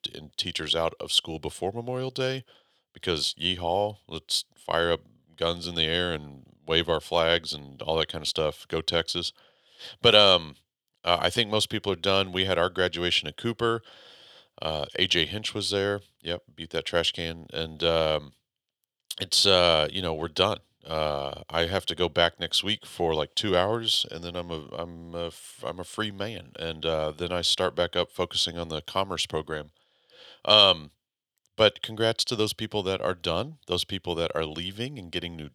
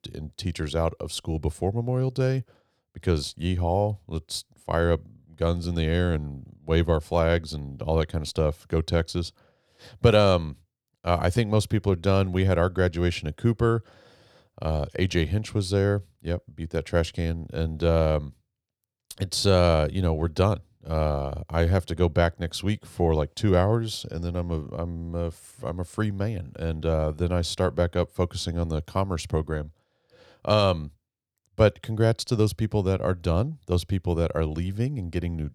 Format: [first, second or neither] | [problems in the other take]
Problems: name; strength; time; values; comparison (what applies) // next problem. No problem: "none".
second | thin; somewhat; fading below 550 Hz